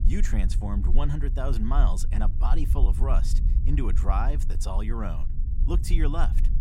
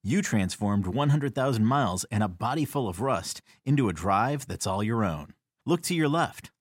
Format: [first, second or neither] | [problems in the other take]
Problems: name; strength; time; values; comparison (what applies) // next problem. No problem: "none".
second | low rumble; noticeable; throughout; 10 dB below the speech